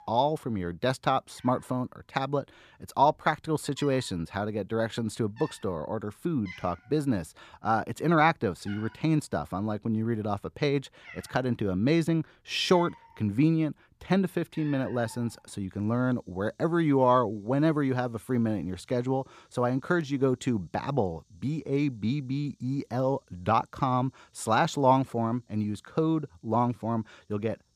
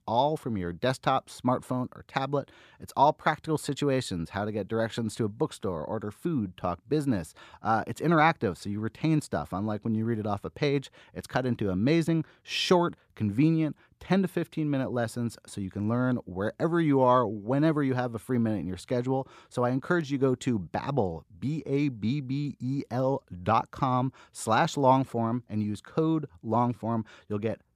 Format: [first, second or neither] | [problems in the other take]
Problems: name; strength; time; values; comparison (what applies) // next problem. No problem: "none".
second | animal sounds; faint; throughout; 20 dB below the speech